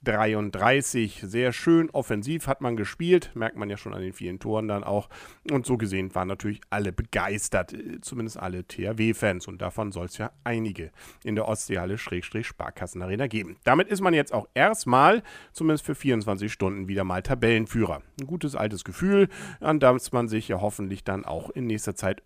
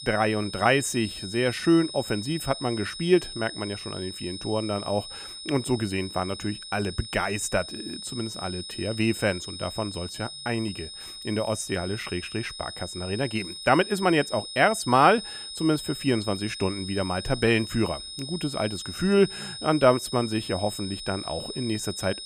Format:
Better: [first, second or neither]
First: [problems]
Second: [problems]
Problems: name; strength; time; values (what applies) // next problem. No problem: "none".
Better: first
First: none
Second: high-pitched whine; loud; throughout; 5 kHz, 9 dB below the speech